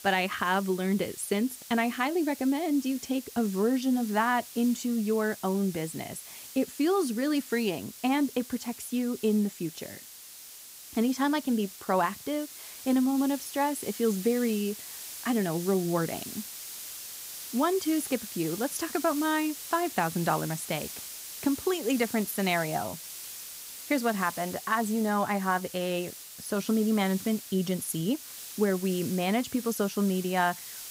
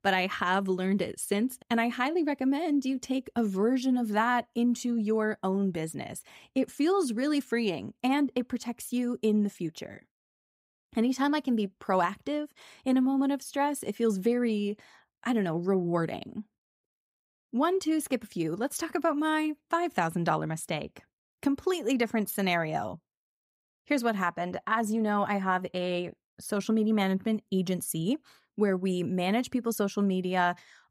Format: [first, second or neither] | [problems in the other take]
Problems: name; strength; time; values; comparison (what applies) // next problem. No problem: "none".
second | hiss; noticeable; throughout; 10 dB below the speech